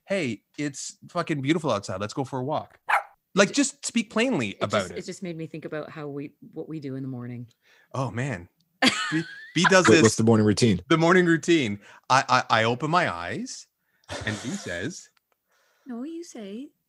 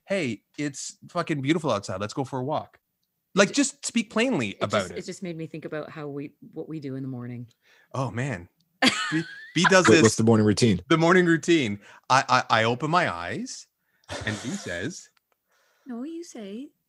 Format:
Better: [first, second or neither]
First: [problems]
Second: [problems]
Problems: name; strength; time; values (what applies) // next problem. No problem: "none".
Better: second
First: dog barking; noticeable; at 3 s; peak 2 dB below the speech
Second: none